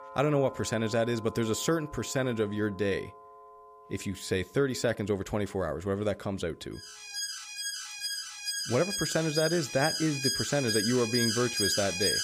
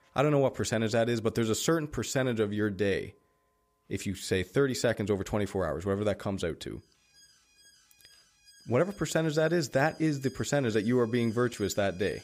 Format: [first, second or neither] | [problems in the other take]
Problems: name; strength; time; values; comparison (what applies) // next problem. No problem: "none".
second | alarms or sirens; loud; throughout; 1 dB below the speech; faint in the second